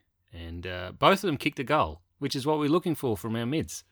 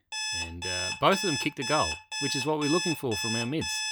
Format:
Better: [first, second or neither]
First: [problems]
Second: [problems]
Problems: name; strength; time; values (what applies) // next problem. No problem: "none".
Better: first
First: none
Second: alarm; noticeable; peak level with the speech